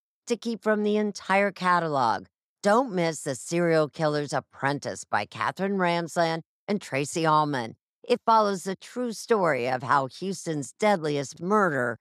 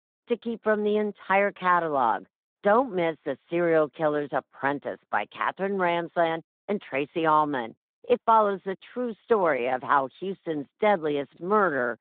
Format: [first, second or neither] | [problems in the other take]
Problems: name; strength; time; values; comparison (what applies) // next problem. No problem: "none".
first | phone-call audio